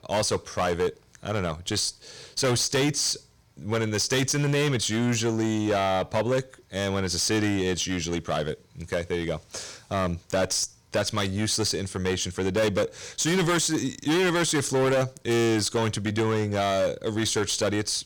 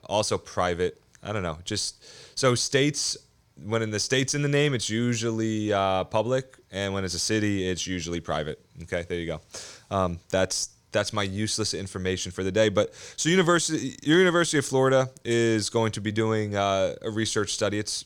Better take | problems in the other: second | distortion; heavy; 12% of the sound clipped

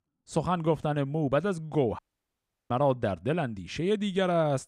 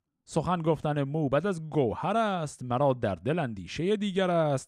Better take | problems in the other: second | audio cutting out; at 2 s for 0.5 s

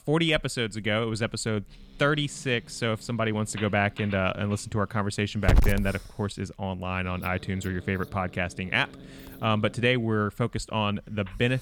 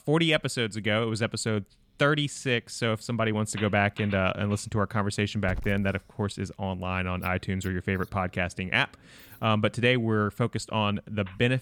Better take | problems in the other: second | hiss; loud; throughout; 6 dB below the speech; faint in the second

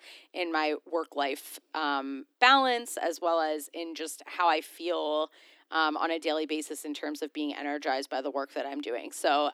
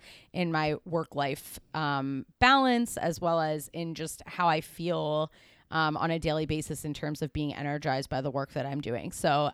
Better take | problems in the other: second | thin; somewhat; fading below 300 Hz

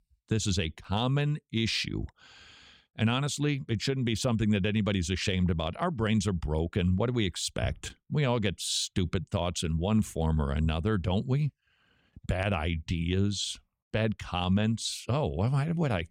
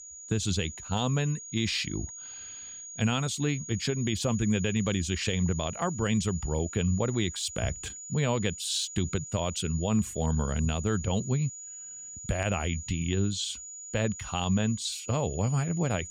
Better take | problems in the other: first | high-pitched whine; noticeable; throughout; 7 kHz, 10 dB below the speech

